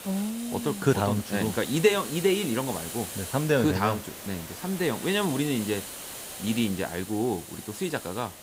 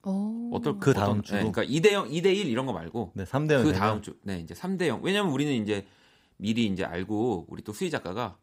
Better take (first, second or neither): second